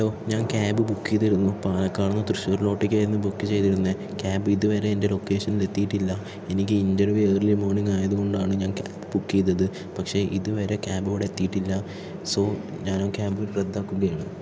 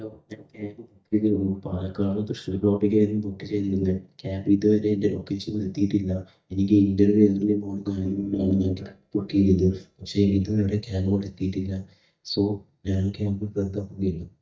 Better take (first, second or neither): first